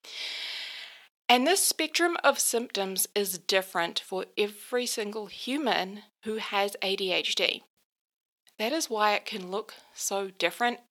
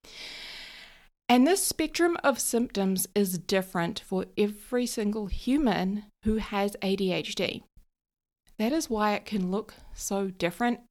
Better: second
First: thin; somewhat; fading below 450 Hz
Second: none

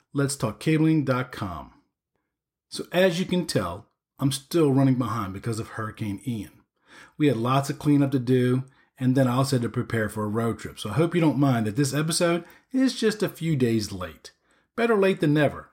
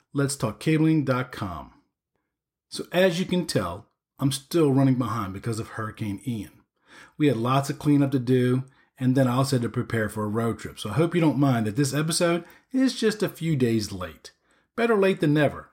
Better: neither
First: none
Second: none

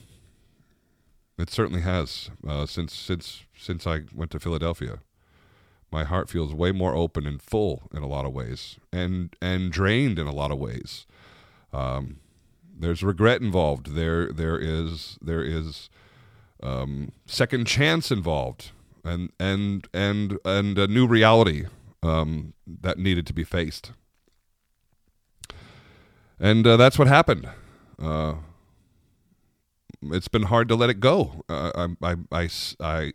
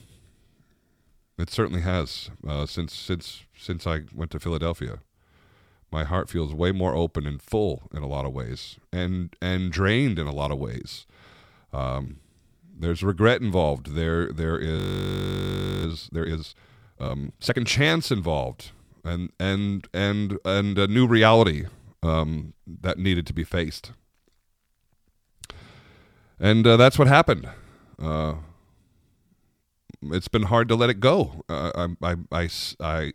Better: first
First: none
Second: audio freezing; at 15 s for 1 s

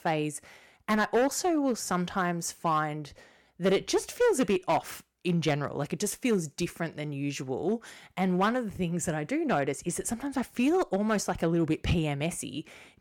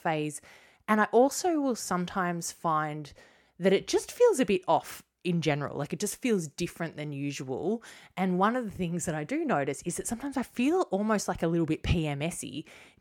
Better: second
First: distortion; slight; 4% of the sound clipped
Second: none

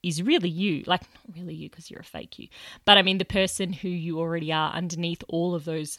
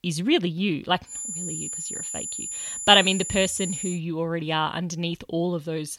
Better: first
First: none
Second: high-pitched whine; loud; from 1 to 4 s; 7 kHz, 7 dB below the speech

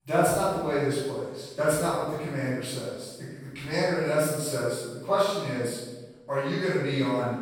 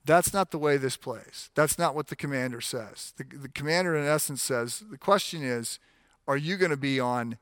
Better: second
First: room echo; strong; dies away in 1.1 s // off-mic speech; far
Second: none

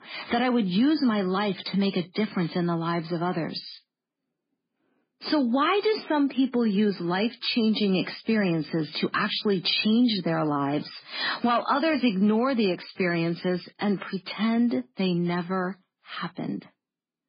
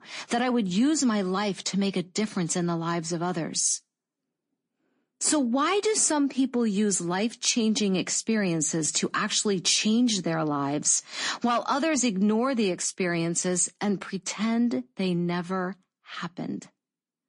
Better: second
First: garbled, watery; badly; nothing above 5 kHz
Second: garbled, watery; slightly; nothing above 9.5 kHz

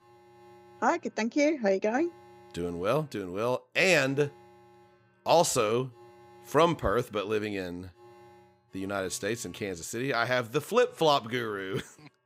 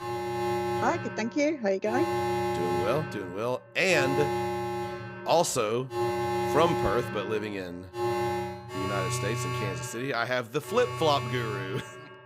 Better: first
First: alarms or sirens; faint; throughout; 30 dB below the speech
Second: alarms or sirens; loud; throughout; 3 dB below the speech

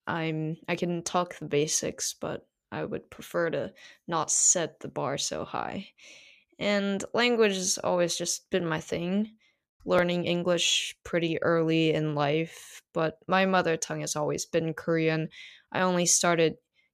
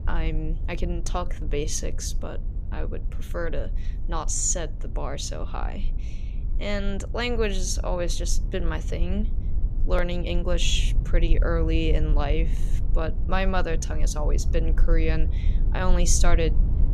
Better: first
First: none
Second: low rumble; noticeable; throughout; 15 dB below the speech

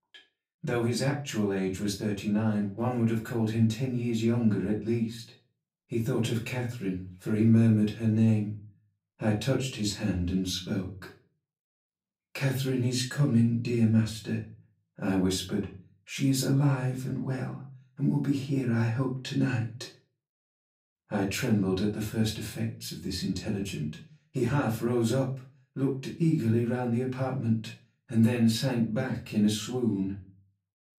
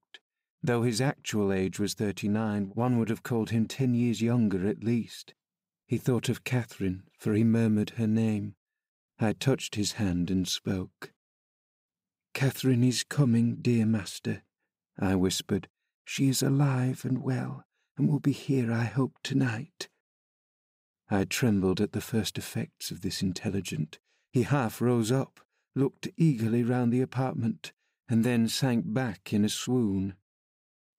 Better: second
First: room echo; slight; dies away in 0.3 s // off-mic speech; far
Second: none

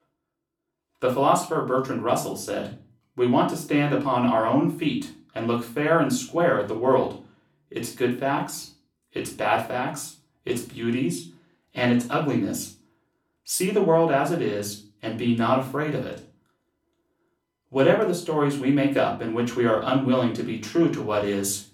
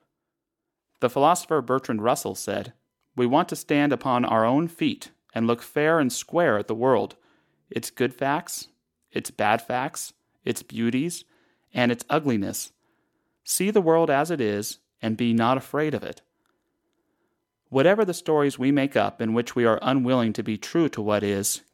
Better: second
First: off-mic speech; far // room echo; slight; dies away in 0.3 s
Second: none

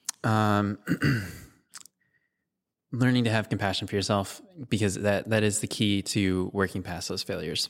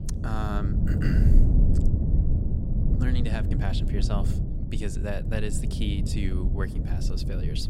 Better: first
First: none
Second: low rumble; loud; throughout; 2 dB below the speech

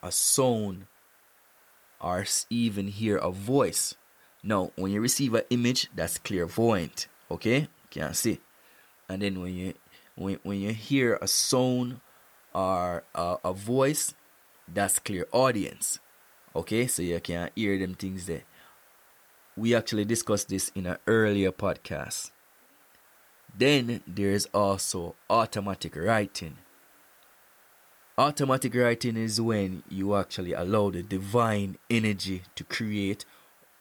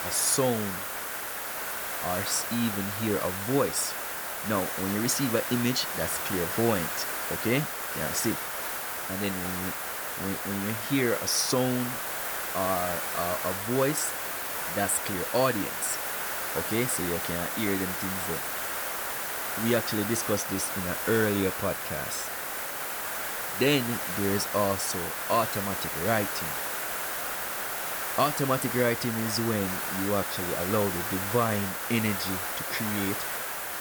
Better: first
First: hiss; faint; throughout; 30 dB below the speech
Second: hiss; loud; throughout; 1 dB below the speech

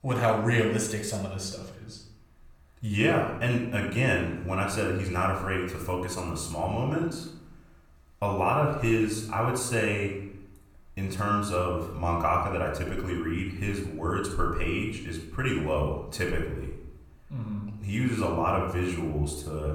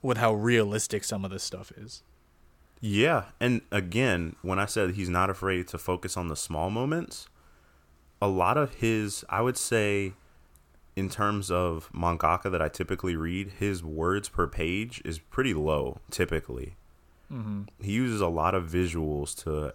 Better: second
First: off-mic speech; somewhat distant // room echo; noticeable; dies away in 0.7 s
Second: none

